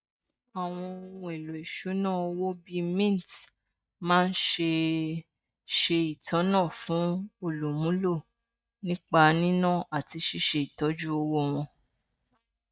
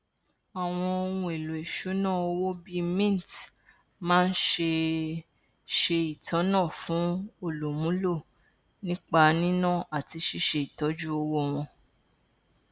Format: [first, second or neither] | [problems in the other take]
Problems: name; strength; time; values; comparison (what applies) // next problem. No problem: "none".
second | noise reduction (neural mask model DeepFilterNet 3)